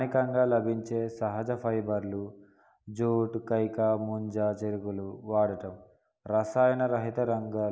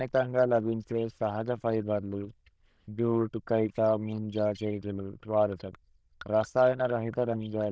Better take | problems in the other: first | noise reduction (neural diffusion model UNIVERSE++)

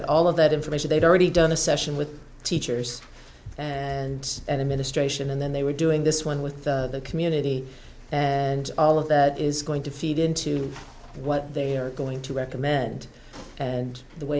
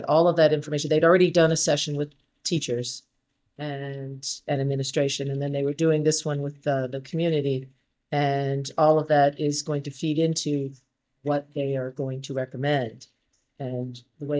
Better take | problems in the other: first | noise reduction (neural mask model DeepFilterNet 3)

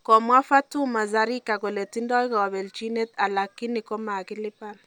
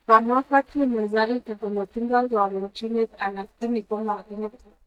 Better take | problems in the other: first | noise reduction (neural mask model DeepFilterNet 3)

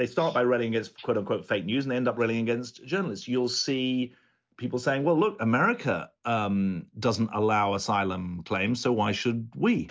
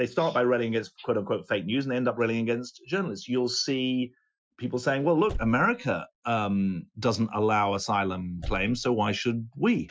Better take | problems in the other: first | noise reduction (classical method Wiener filter)

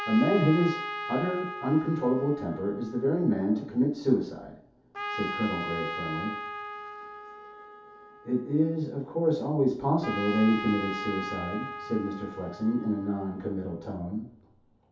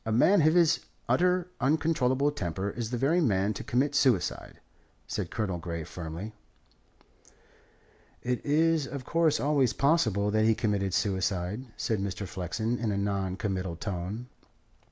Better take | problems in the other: second | background sound (Trumpet); 10 dB below the speech // room echo; dies away in 0.5 s

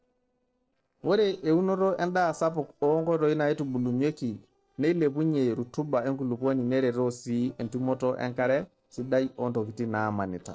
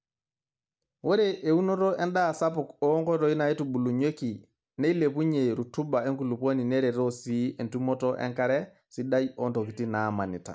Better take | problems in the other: second | noise reduction (neural separator model SepFormer DNS4)

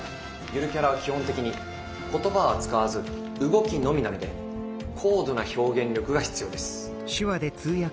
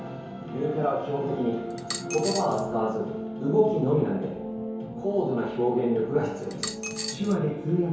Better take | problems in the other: first | background sound (Coin (dropping)); 10 dB below the speech // room echo; dies away in 1 s

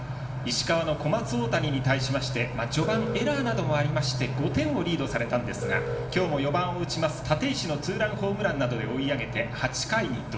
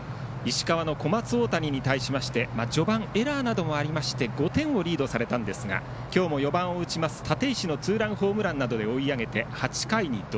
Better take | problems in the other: second | background sound (Alarm); 11 dB below the speech // room echo; dies away in 1.9 s

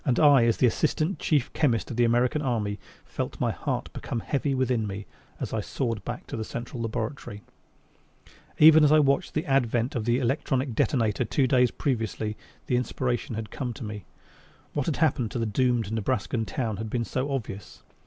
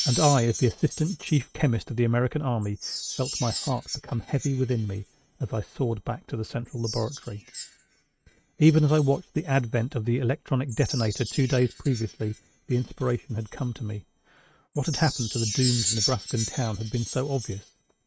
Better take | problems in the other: first | noise reduction (neural mask model RNNoise)

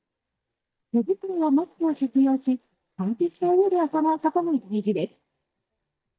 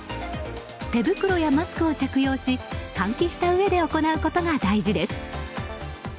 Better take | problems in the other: second | noise reduction (neural mask model DeepFilterNet 3)

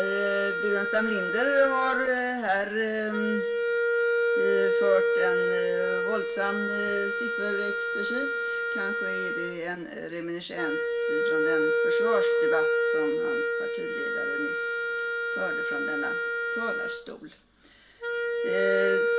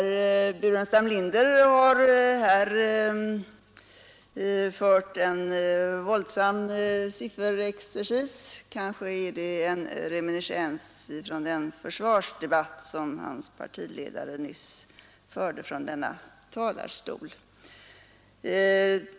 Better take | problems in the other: second | background sound (Wind instrument, woodwind instrument); 4 dB above the speech // room echo; dies away in 0.2 s

